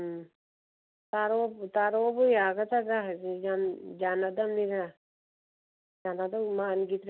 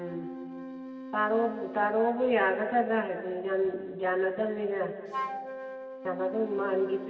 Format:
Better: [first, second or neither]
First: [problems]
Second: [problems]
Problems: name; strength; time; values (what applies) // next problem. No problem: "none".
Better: first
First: none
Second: background sound (Wind instrument, woodwind instrument); 12 dB below the speech // room echo; dies away in 2.6 s